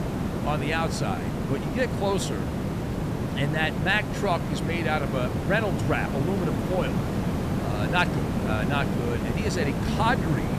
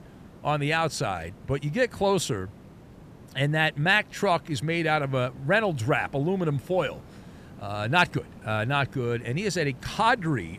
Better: second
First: hiss; loud; throughout; as loud as the speech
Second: hiss; faint; throughout; 20 dB below the speech

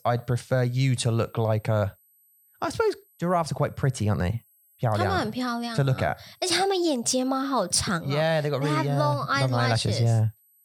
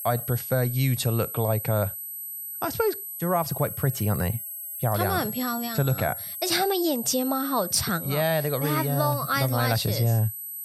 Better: first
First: high-pitched whine; faint; throughout; 12 kHz, 35 dB below the speech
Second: high-pitched whine; loud; throughout; 12 kHz, 7 dB below the speech

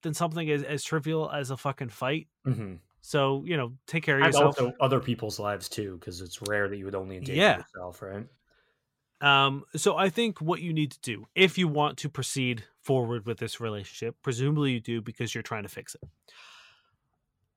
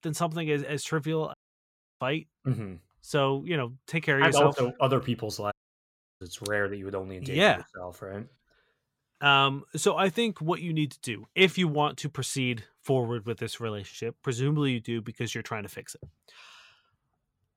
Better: first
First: none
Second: audio cutting out; at 1.5 s for 0.5 s and at 5.5 s for 0.5 s

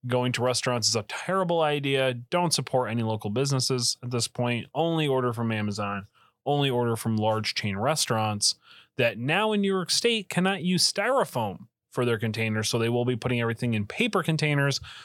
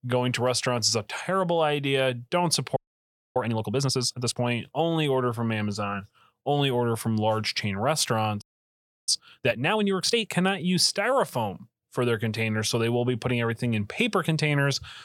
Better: first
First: none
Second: audio freezing; at 3 s for 0.5 s and at 8.5 s for 0.5 s

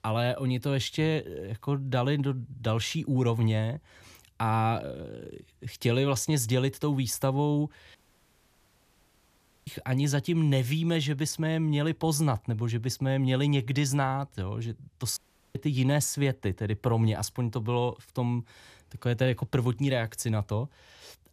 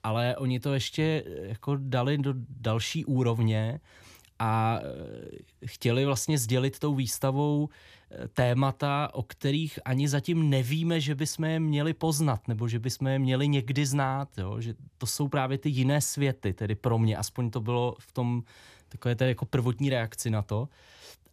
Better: second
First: audio cutting out; at 8 s for 1.5 s and at 15 s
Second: none

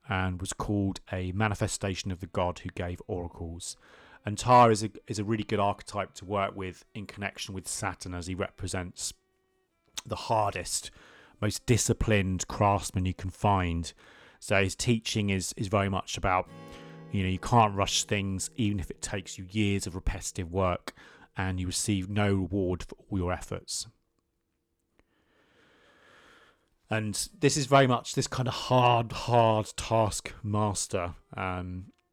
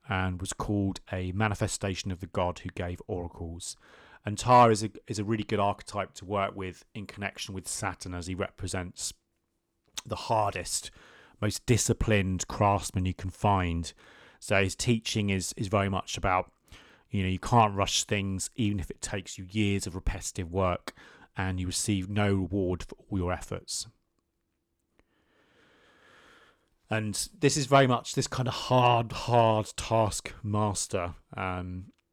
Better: second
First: background music; faint; throughout; 30 dB below the speech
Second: none

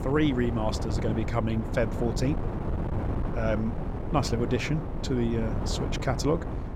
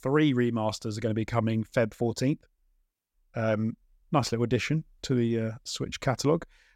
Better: second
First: wind noise on the microphone; heavy; 7 dB below the speech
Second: none

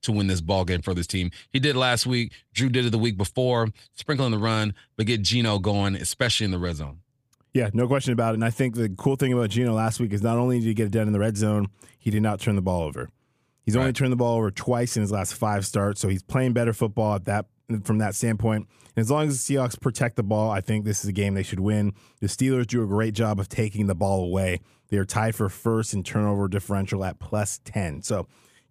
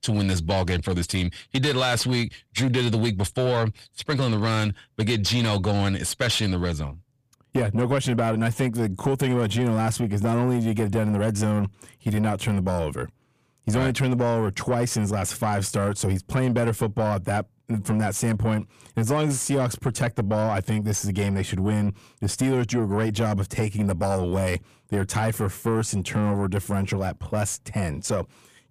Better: first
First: none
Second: distortion; slight; 10 dB below the speech

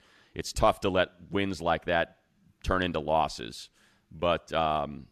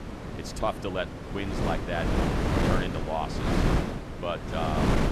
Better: first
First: none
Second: wind noise on the microphone; heavy; as loud as the speech

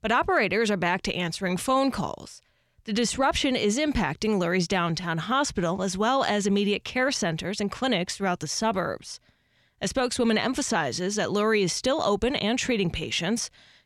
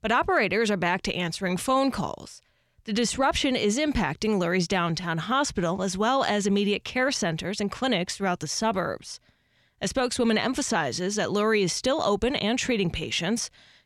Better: neither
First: none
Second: none

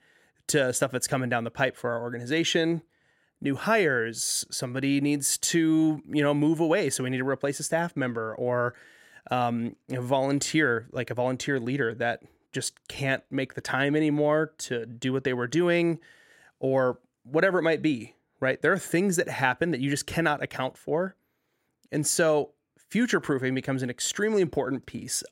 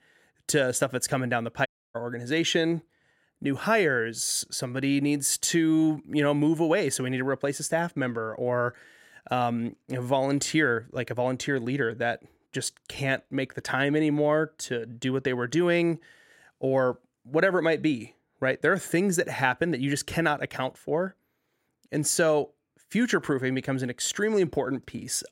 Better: first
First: none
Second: audio cutting out; at 1.5 s

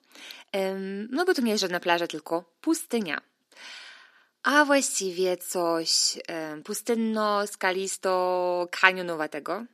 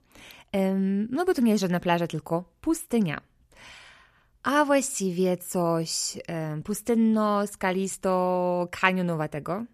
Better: second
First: thin; very slightly; fading below 250 Hz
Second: none

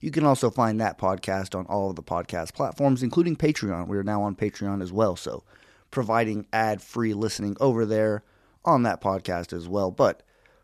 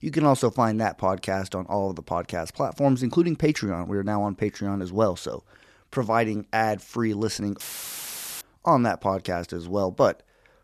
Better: first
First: none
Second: audio cutting out; filled with static; at 7.5 s for 1 s

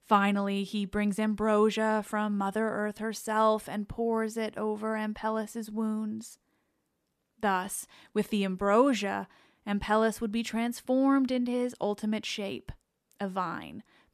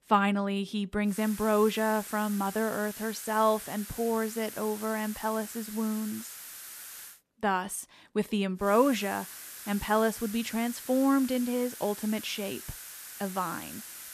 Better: first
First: none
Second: hiss; noticeable; from 1 to 7 s and from 8.5 s on; 10 dB below the speech

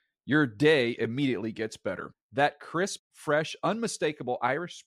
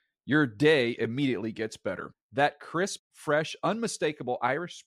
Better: neither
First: none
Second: none

